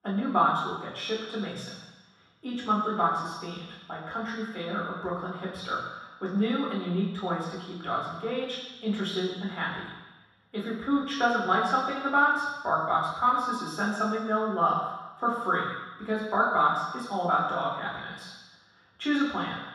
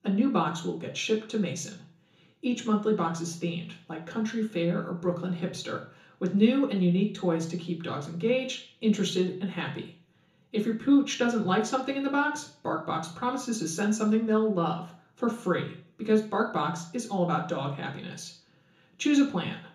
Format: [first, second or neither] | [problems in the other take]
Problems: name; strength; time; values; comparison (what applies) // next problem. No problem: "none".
second | room echo; strong; dies away in 1.2 s; slight in the second // off-mic speech; far; far in the second